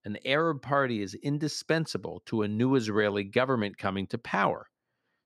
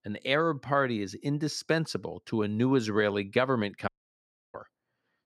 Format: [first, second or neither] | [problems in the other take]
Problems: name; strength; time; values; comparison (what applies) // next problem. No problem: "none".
first | audio cutting out; at 4 s for 0.5 s